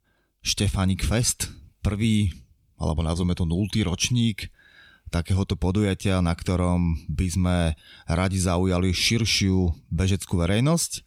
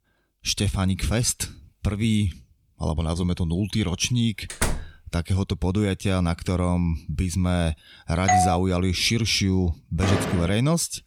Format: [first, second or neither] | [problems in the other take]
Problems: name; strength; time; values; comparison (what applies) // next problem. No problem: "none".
first | door banging; noticeable; at 4.5 s and at 10 s; peak 2 dB below the speech // doorbell; loud; at 8.5 s; peak 3 dB above the speech